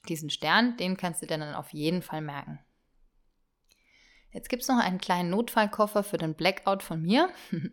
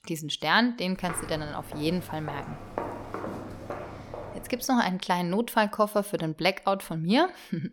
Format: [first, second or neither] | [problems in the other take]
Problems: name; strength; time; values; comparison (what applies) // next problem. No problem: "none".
first | footsteps; noticeable; from 1 to 4.5 s; peak 7 dB below the speech